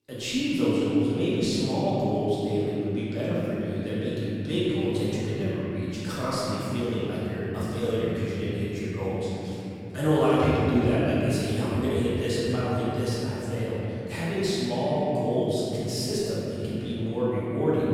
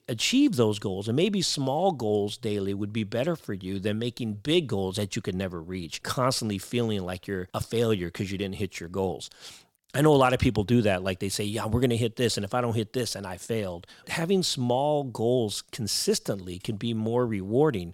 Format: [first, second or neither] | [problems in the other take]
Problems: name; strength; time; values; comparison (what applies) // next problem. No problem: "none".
second | room echo; strong; dies away in 3 s // off-mic speech; far